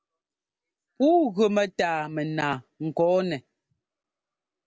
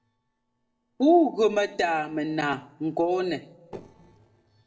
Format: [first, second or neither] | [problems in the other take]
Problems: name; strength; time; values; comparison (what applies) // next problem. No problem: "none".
first | noise reduction (neural separator model SepFormer DNS4)